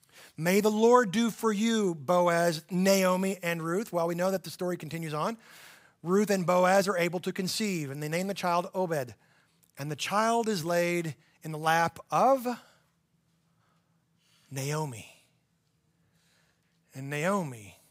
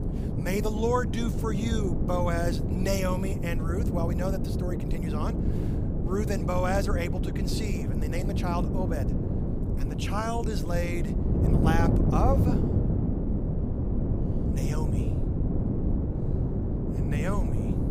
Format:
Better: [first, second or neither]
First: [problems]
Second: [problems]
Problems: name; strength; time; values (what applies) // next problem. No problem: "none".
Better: first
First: none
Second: wind noise on the microphone; heavy; 4 dB below the speech